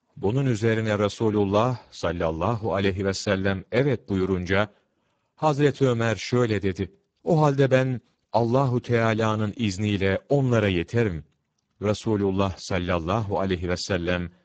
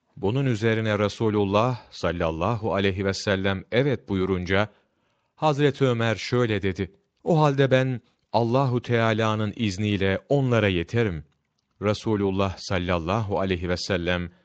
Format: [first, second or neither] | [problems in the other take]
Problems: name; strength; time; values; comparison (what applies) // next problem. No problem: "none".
second | garbled, watery; badly; nothing above 7.5 kHz; slightly in the second